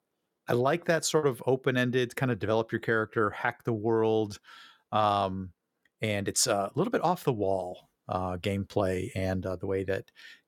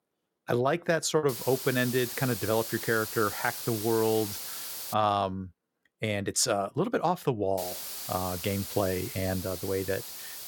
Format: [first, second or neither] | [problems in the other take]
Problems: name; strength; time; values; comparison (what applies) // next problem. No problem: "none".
first | hiss; loud; from 1.5 to 5 s and from 7.5 s on; 7 dB below the speech